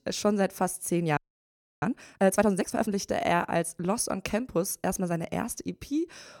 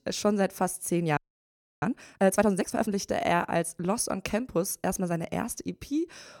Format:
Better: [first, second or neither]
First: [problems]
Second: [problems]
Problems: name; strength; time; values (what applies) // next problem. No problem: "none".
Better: neither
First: audio freezing; at 1 s for 0.5 s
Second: audio freezing; at 1 s for 0.5 s